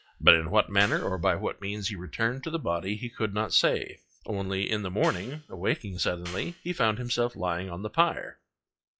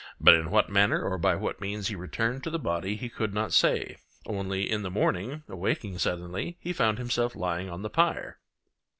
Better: second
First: noise reduction (classical method log-MMSE)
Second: none

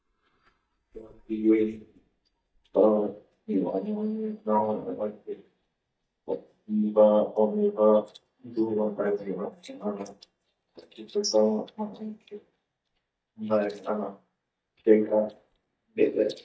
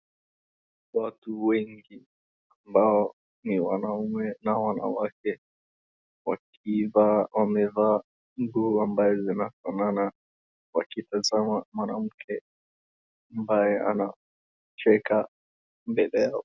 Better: second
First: noise reduction (neural mask model DeepFilterNet 3)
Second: none

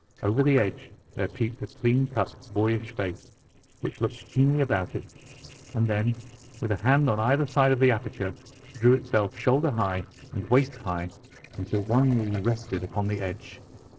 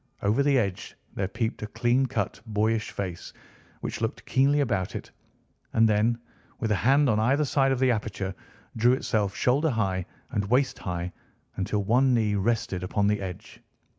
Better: second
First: noise reduction (neural separator model SepFormer DNS4)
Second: none

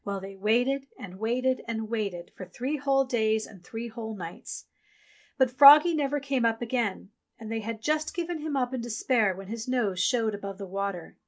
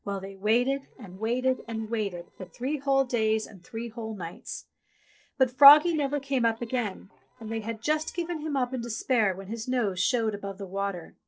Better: first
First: none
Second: noise reduction (neural separator model SepFormer DNS4)

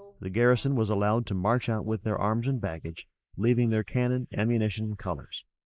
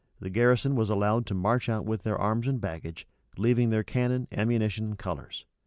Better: second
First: noise reduction (neural mask model Resemble Enhance denoiser)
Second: none

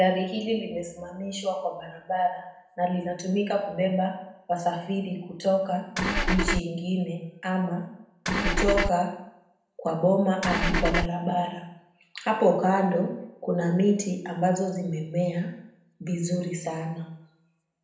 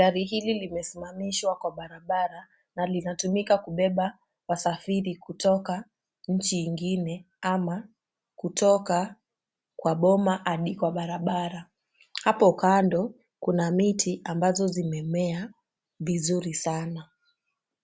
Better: second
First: background sound (Engine / Car); 3 dB above the speech // room echo; dies away in 0.7 s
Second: none

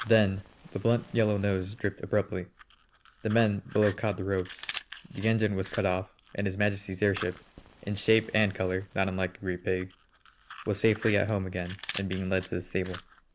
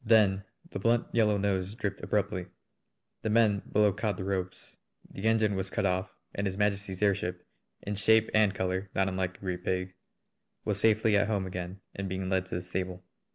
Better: second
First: background sound (Fire); 18 dB below the speech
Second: none

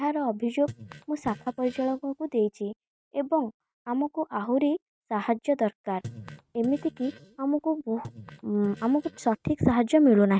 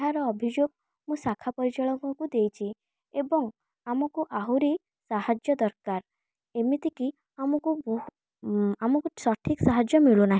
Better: second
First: noise reduction (neural mask model RNNoise)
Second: none

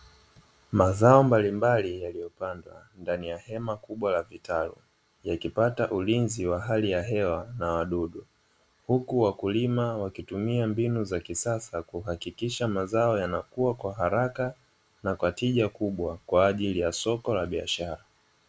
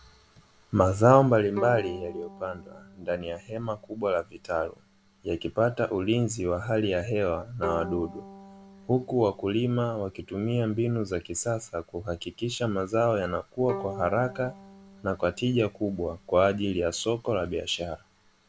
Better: first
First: none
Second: background sound (Bowed string instrument); 17 dB below the speech

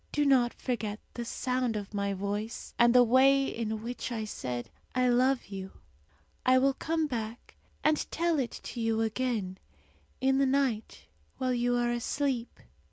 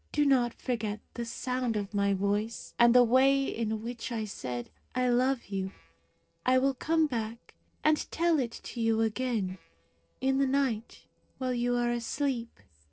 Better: first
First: none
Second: noise reduction (neural separator model SepFormer DNS4)

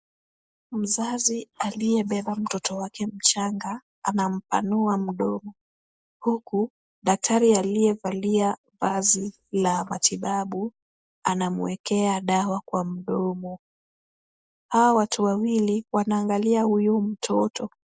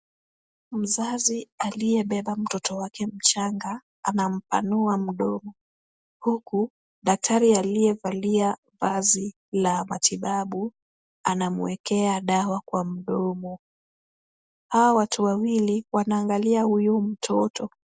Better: second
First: noise reduction (neural mask model Resemble Enhance denoiser)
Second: none

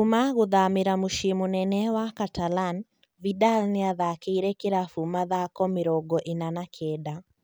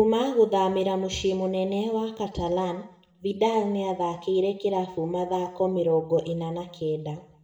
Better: first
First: none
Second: room echo; dies away in 0.6 s

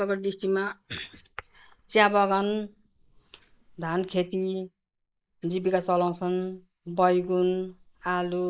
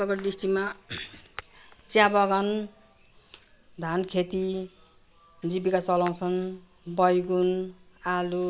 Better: second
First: noise reduction (neural mask model Resemble Enhance denoiser)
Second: none

